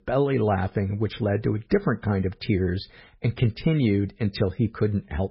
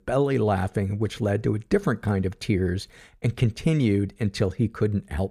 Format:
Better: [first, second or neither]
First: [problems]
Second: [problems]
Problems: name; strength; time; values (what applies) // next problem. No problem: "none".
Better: second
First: garbled, watery; badly; nothing above 5 kHz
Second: none